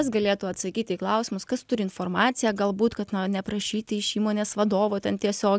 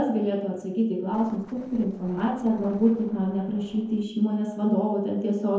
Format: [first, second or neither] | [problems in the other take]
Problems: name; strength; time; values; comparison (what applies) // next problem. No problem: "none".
first | noise reduction (neural separator model SepFormer DNS4)